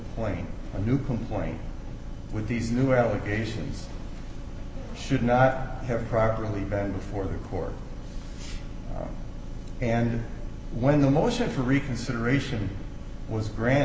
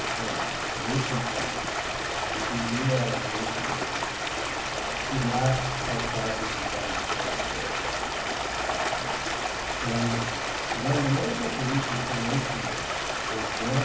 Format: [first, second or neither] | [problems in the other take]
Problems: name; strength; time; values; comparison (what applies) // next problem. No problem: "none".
first | background sound (Stream); 2 dB above the speech // room echo; dies away in 0.7 s